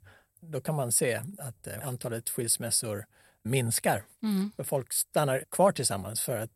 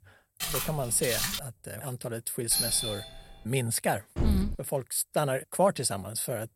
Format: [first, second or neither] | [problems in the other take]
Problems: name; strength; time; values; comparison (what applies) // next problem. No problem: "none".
first | footsteps; loud; until 1.5 s; peak 1 dB above the speech // doorbell; loud; at 2.5 s; peak 2 dB above the speech // door banging; noticeable; at 4 s; peak level with the speech